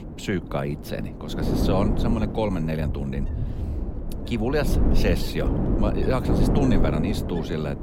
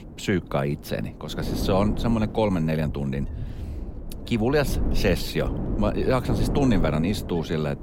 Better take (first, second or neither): second